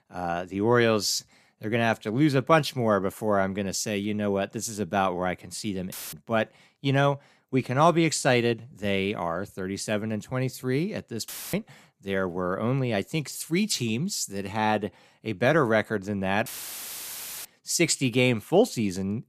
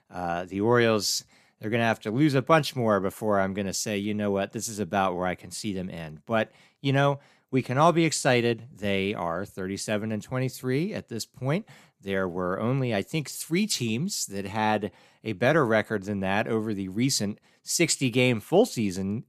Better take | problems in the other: second | audio cutting out; filled with static; at 6 s, at 11 s and at 16 s for 1 s

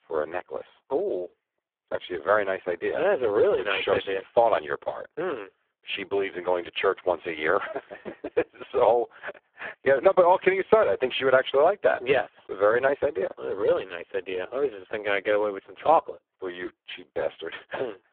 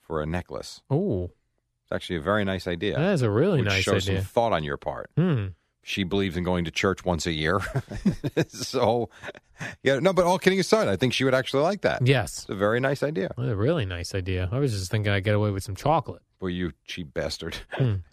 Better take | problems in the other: second | phone-call audio; poor line

